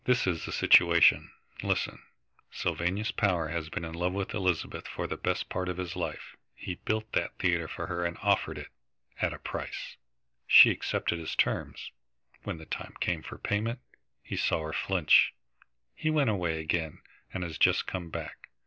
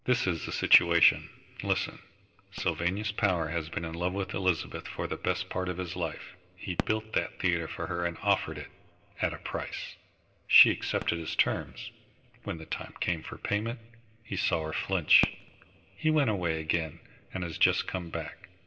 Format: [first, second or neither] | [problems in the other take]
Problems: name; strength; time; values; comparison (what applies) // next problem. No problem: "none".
first | noise reduction (neural separator model SepFormer DNS4)